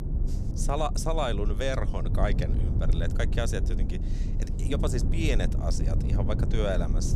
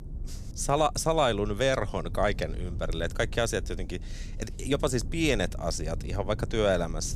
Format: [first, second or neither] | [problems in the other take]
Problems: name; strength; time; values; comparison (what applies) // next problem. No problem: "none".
second | low rumble; loud; throughout; 9 dB below the speech; faint in the second